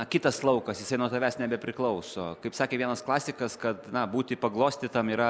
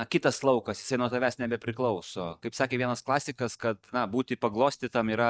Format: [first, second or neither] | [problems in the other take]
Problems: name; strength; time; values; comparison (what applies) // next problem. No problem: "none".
first | noise reduction (neural mask model DeepFilterNet 3)